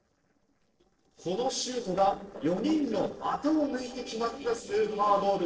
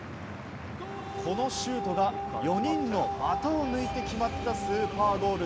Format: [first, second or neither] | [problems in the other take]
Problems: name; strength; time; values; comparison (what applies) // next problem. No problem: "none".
second | noise reduction (neural separator model SepFormer DNS4)